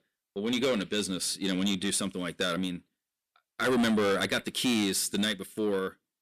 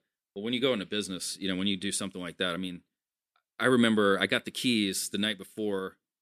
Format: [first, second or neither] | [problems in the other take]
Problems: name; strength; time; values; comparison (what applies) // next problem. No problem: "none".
second | distortion; heavy; 7 dB below the speech